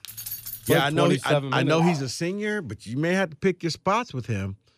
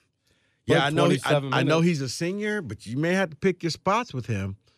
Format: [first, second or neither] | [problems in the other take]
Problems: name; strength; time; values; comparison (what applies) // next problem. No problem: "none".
second | jangling keys; noticeable; at the start; peak 8 dB below the speech // dog barking; noticeable; at 2 s; peak 8 dB below the speech